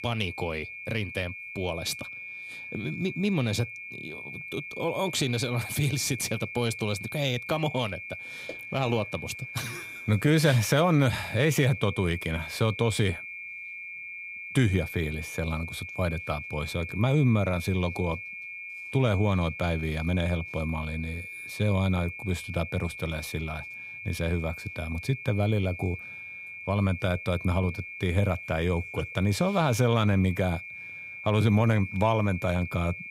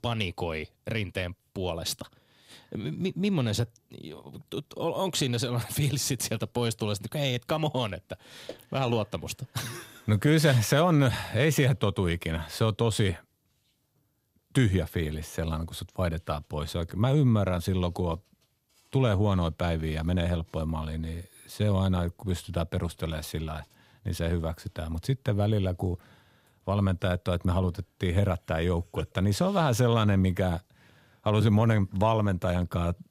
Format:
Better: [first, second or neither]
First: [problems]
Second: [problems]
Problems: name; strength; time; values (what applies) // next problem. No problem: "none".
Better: second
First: high-pitched whine; loud; throughout; 2.5 kHz, 10 dB below the speech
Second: none